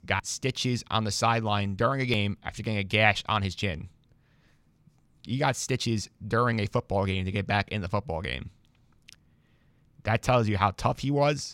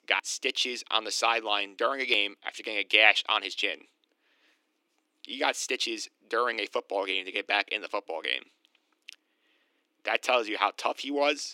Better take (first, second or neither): first